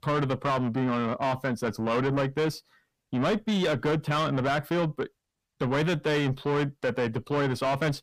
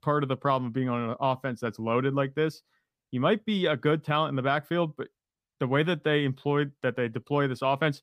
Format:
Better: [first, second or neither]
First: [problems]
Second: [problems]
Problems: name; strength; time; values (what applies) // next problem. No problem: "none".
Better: second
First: distortion; heavy; 7 dB below the speech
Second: none